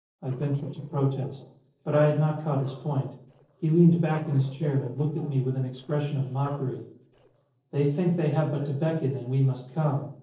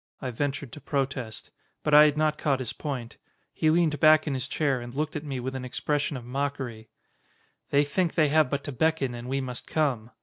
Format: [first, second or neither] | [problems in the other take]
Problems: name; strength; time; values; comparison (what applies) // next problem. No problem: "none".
second | noise reduction (neural separator model SepFormer DNS4)